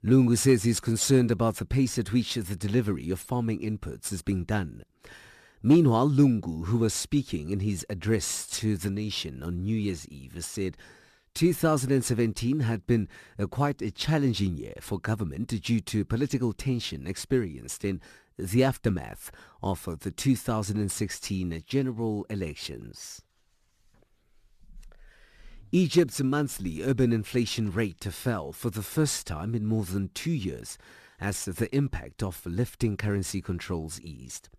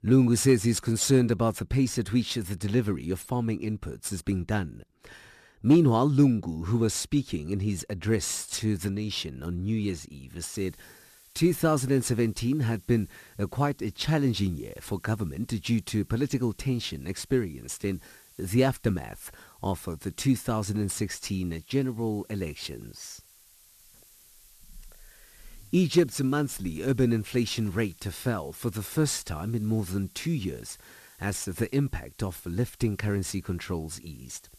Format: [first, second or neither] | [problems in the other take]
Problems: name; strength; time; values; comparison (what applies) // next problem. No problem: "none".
first | hiss; faint; from 11 s on; 25 dB below the speech